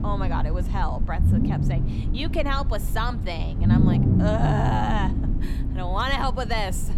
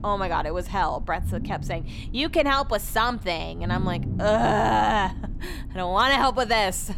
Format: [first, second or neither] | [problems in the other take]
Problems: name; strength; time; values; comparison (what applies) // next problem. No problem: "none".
second | low rumble; loud; throughout; 6 dB below the speech; faint in the second